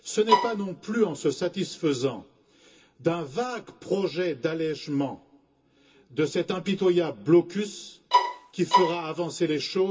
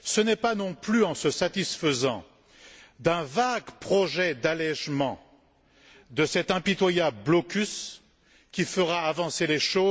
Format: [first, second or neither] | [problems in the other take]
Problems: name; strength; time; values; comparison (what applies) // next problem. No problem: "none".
second | background sound (Bowed string instrument); 3 dB above the speech // room echo; dies away in 0.2 s